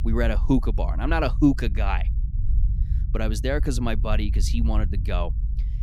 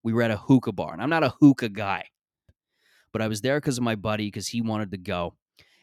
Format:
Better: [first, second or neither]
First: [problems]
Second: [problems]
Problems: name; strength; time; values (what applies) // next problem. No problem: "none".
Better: second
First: low rumble; noticeable; throughout; 15 dB below the speech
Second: none